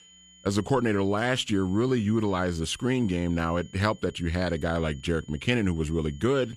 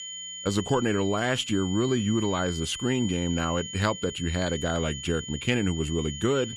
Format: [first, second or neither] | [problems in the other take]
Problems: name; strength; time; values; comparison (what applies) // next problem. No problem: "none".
first | high-pitched whine; loud; throughout; 3 kHz, 9 dB below the speech; faint in the first